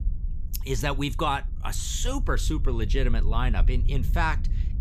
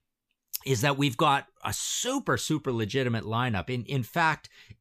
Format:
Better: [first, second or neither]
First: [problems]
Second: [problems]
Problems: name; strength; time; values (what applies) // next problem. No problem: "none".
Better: second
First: low rumble; noticeable; throughout; 20 dB below the speech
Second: none